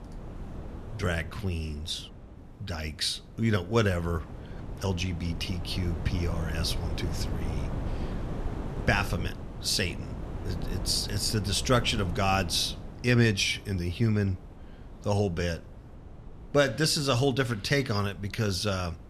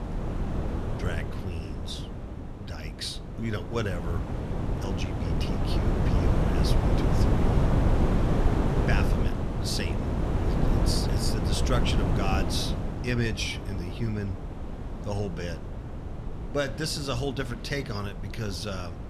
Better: first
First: wind noise on the microphone; occasional gusts; 15 dB below the speech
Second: wind noise on the microphone; heavy; 1 dB below the speech

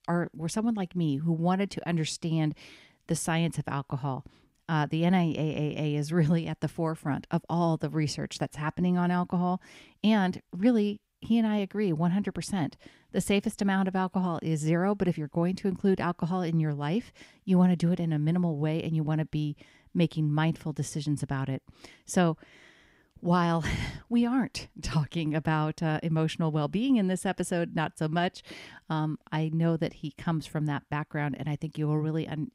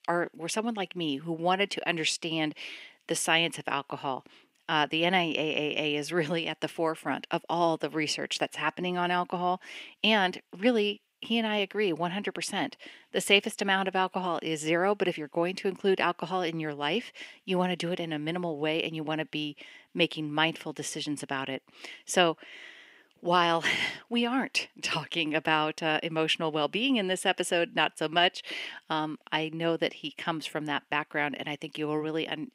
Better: first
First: none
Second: thin; somewhat; fading below 400 Hz

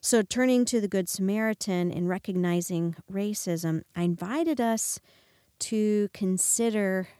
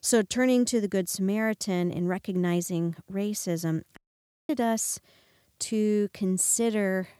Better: first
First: none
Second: audio cutting out; at 4 s for 0.5 s

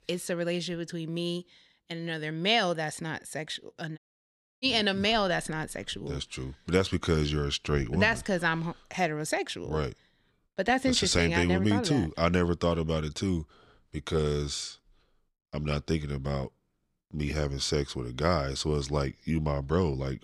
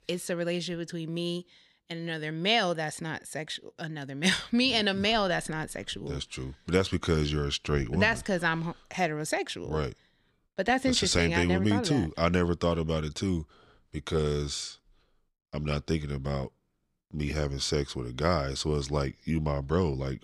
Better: second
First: audio cutting out; at 4 s for 0.5 s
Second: none

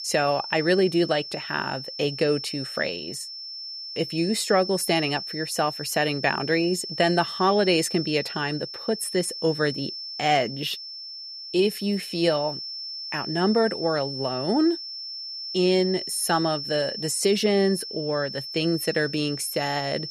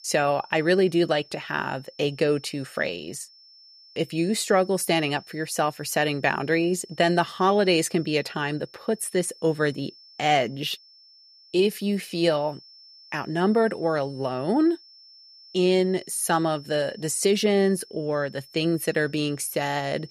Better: second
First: high-pitched whine; loud; throughout; 5.5 kHz, 8 dB below the speech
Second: high-pitched whine; faint; throughout; 5.5 kHz, 25 dB below the speech

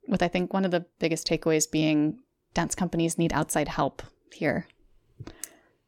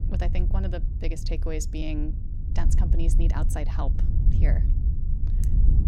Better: first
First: none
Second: low rumble; loud; throughout; 6 dB below the speech

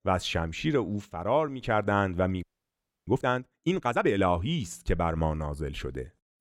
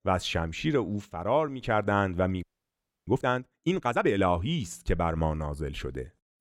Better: neither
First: audio freezing; at 2.5 s for 0.5 s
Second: audio freezing; at 2.5 s for 0.5 s

